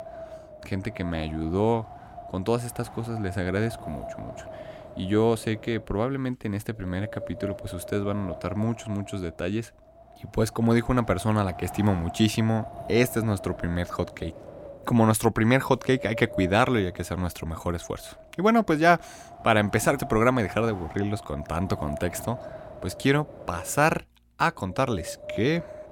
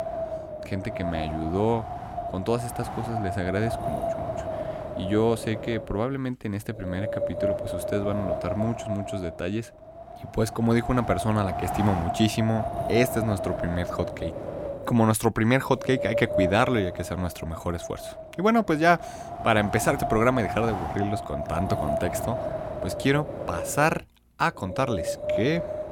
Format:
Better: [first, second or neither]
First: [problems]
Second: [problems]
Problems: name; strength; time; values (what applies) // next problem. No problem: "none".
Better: first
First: wind noise on the microphone; occasional gusts; 15 dB below the speech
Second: wind noise on the microphone; heavy; 3 dB below the speech